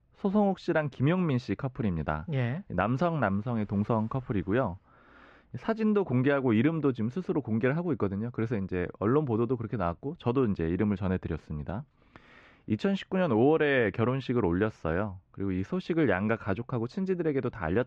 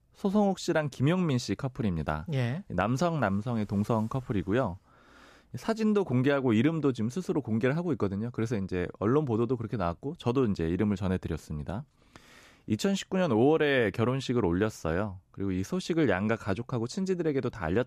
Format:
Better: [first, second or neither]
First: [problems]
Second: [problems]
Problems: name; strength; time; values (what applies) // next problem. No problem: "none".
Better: second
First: muffled; slightly; fading above 2.5 kHz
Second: none